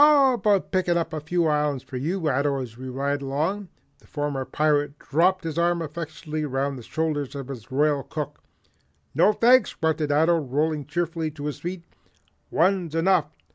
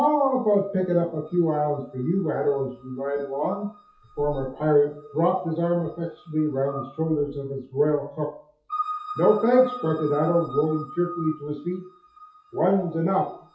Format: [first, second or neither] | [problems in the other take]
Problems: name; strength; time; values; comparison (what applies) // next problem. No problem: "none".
first | noise reduction (classical method WPE with log-MMSE)